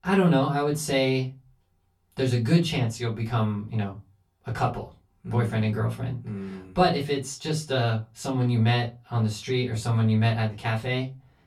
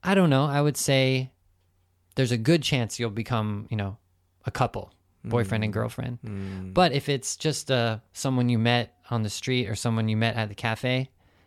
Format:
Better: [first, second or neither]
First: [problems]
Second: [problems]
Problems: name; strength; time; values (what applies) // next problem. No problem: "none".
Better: second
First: off-mic speech; far // room echo; very slight; dies away in 0.2 s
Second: none